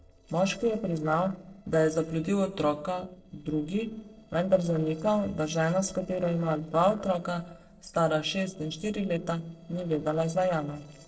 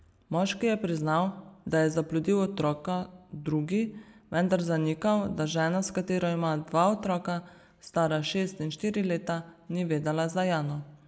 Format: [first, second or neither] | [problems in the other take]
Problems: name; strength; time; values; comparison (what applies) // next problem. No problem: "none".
second | noise reduction (neural separator model SepFormer DNS4)